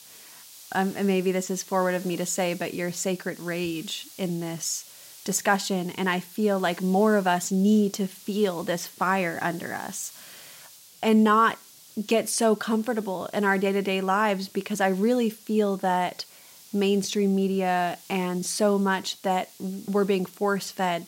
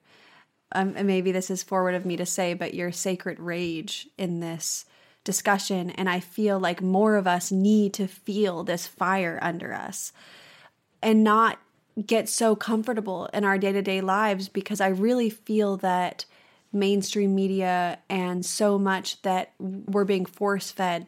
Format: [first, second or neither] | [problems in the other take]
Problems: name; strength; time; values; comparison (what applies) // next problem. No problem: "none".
second | hiss; faint; throughout; 20 dB below the speech